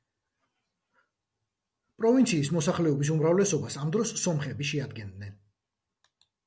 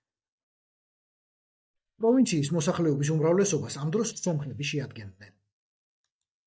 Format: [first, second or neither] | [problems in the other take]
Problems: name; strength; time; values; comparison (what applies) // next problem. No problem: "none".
first | noise reduction (neural mask model DeepFilterNet 3)